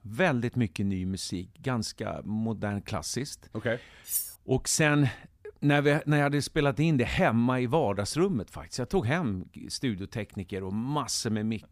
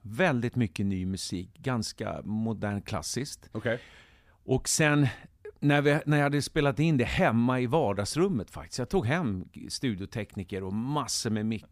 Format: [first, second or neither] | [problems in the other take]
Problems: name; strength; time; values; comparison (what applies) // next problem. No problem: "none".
second | clattering dishes; noticeable; at 4 s; peak 2 dB below the speech